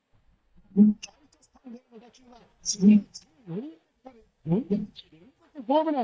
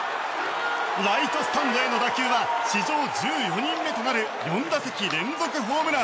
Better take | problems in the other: second | noise reduction (neural mask model DeepFilterNet 3)

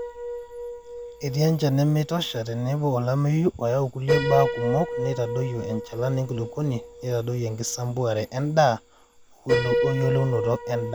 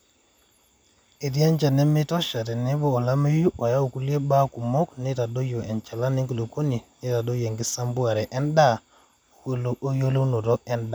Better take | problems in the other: second | background sound (Piano); 5 dB below the speech

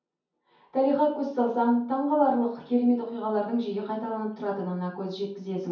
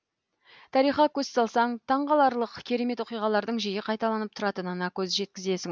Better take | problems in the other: second | room echo; dies away in 0.6 s

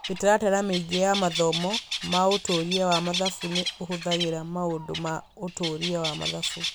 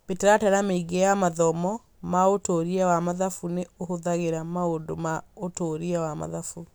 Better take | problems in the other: second | background sound (Bird); 6 dB below the speech

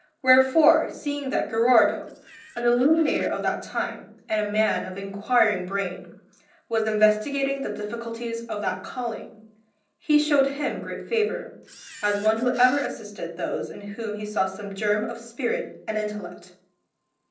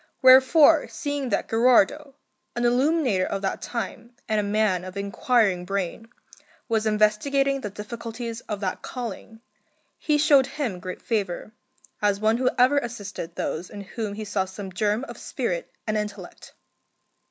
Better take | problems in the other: second | noise reduction (neural separator model SepFormer DNS4)

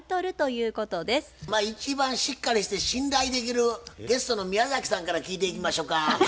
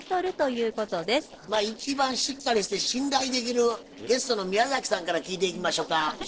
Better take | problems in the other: first | noise reduction (neural separator model SepFormer DNS4)

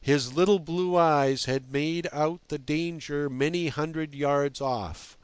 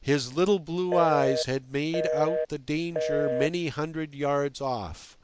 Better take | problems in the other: first | background sound (Telephone); 2 dB below the speech

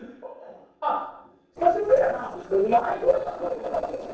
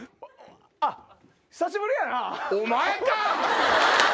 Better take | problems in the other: second | noise reduction (neural separator model SepFormer DNS4)

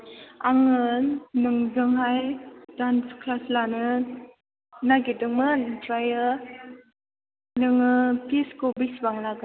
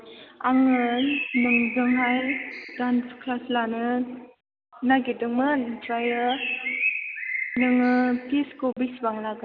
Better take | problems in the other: first | background sound (Bird); 6 dB below the speech

